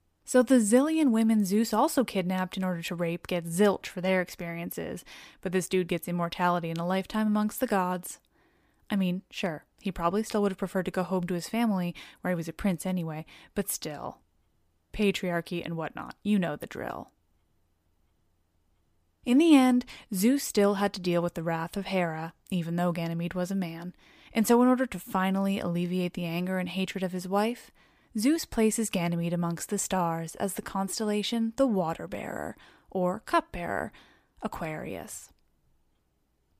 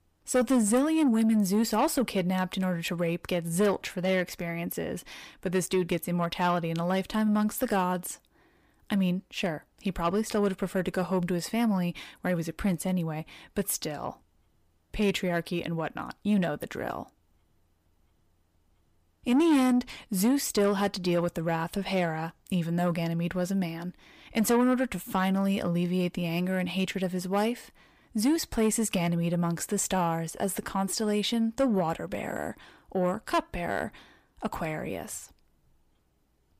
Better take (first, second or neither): first